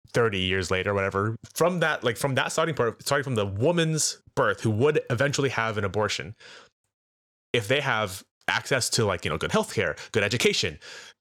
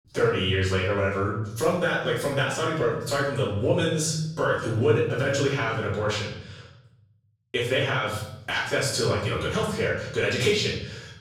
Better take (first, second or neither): first